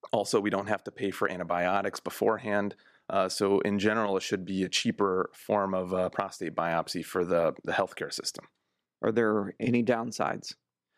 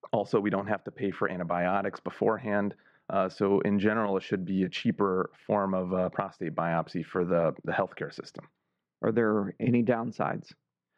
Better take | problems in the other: first | muffled; slightly; fading above 2.5 kHz

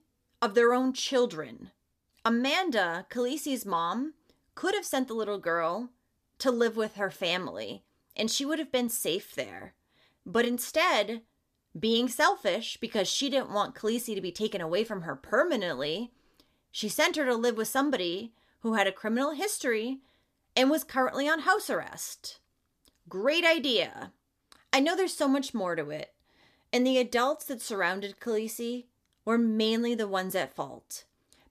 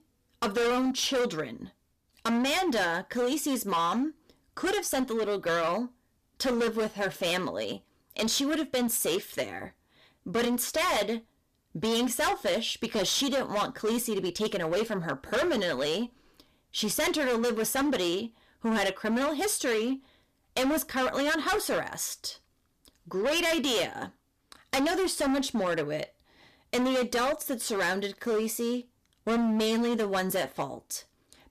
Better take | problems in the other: first | distortion; heavy; 17% of the sound clipped

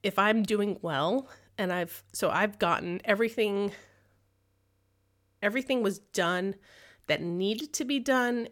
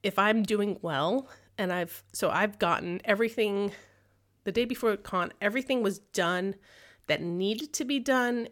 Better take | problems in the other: second | audio freezing; at 4.5 s for 1 s

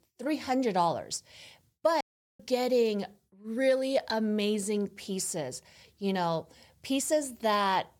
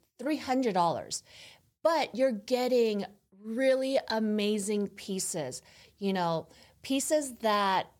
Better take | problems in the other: second | audio cutting out; at 2 s

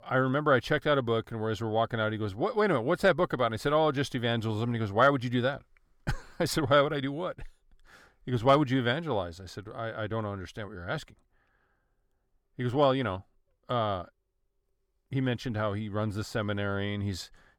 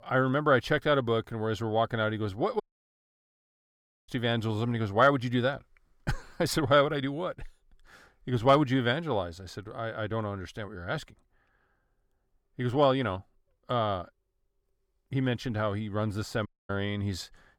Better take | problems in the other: first | audio cutting out; at 2.5 s for 1.5 s and at 16 s

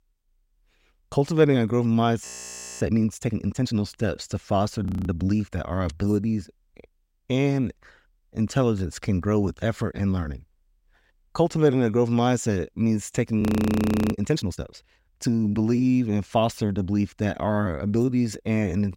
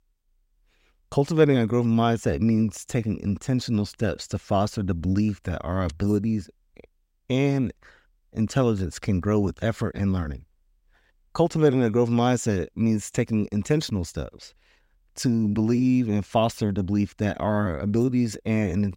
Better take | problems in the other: second | audio freezing; at 2.5 s for 0.5 s, at 5 s and at 13 s for 0.5 s

